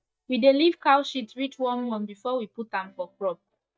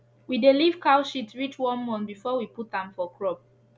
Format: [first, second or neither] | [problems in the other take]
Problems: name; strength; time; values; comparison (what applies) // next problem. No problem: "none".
second | noise reduction (neural mask model DeepFilterNet 3)